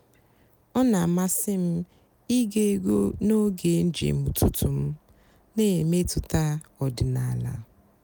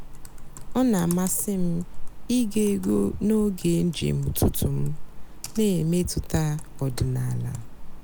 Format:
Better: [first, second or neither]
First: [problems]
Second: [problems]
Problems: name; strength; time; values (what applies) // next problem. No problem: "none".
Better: first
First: none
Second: background sound (Computer keyboard); 7 dB below the speech